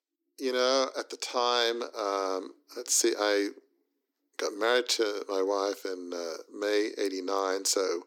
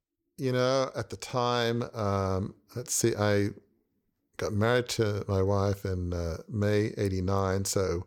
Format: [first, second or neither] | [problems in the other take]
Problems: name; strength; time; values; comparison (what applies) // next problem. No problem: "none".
second | thin; somewhat; fading below 250 Hz